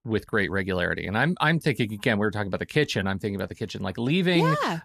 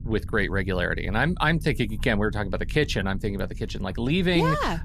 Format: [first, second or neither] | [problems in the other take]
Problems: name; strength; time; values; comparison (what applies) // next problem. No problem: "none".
first | low rumble; faint; throughout; 25 dB below the speech